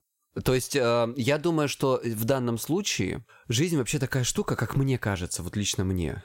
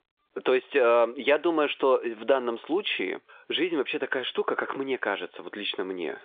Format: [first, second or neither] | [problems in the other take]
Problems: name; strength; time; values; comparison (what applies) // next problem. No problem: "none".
first | phone-call audio